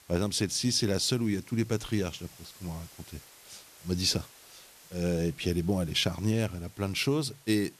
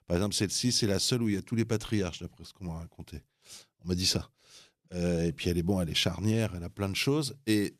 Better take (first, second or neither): second